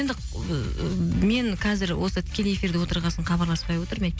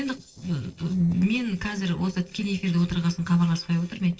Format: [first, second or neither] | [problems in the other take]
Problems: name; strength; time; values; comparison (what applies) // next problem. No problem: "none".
first | noise reduction (neural separator model SepFormer DNS4)